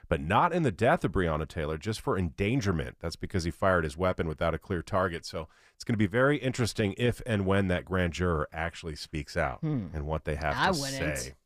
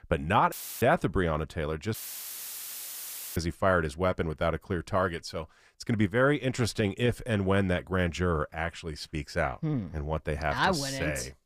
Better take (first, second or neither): first